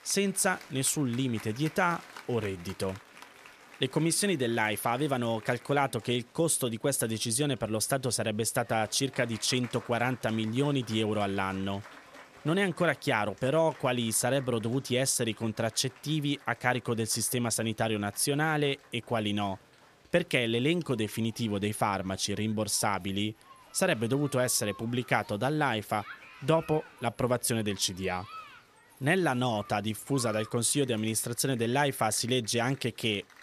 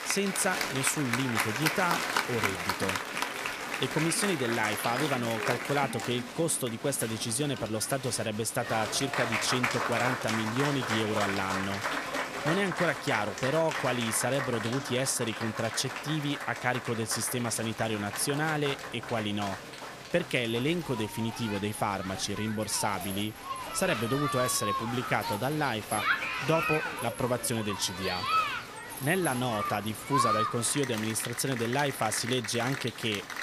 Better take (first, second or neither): first